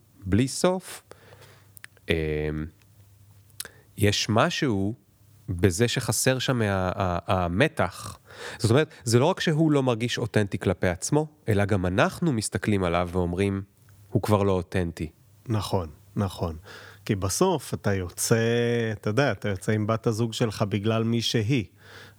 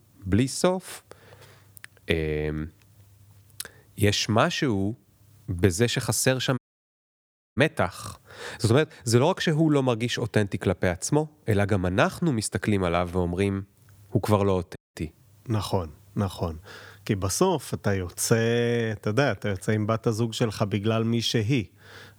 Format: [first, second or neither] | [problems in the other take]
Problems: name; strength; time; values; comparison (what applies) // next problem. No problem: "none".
first | audio cutting out; at 6.5 s for 1 s and at 15 s